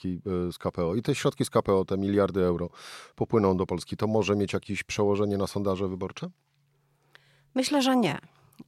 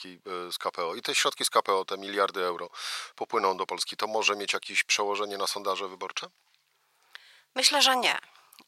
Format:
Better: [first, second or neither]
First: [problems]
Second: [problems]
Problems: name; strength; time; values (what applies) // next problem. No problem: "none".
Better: first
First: none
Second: thin; very; fading below 950 Hz